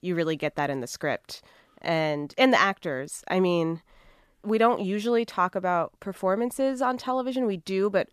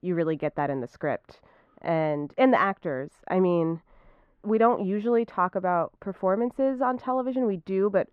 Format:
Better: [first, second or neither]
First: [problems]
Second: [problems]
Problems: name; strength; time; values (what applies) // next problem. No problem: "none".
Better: first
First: none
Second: muffled; very; fading above 3.5 kHz